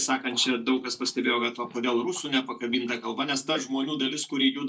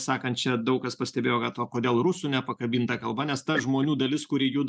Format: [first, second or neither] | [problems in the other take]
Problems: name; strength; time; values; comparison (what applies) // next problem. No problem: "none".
second | noise reduction (neural mask model DeepFilterNet 3)